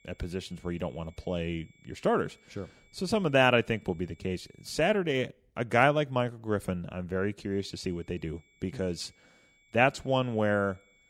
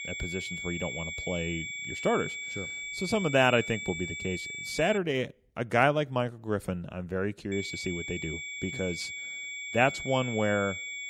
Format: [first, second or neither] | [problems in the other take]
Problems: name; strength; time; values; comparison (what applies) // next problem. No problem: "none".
first | high-pitched whine; loud; until 5 s and from 7.5 s on; 2.5 kHz, 5 dB below the speech; faint in the first